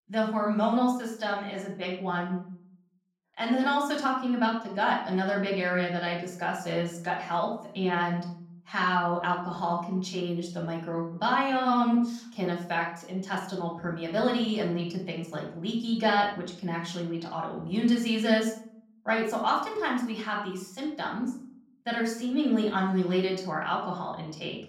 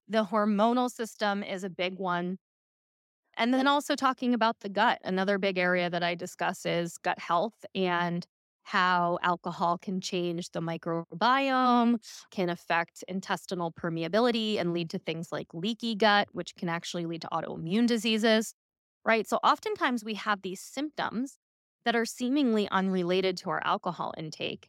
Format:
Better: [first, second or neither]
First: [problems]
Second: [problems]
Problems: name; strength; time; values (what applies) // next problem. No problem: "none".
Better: second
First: off-mic speech; far // room echo; noticeable; dies away in 0.5 s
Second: none